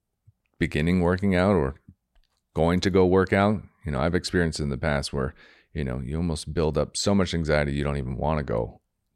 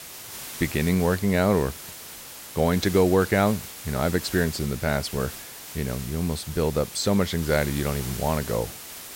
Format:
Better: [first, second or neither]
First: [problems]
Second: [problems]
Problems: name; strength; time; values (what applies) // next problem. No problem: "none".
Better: first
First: none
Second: hiss; noticeable; throughout; 10 dB below the speech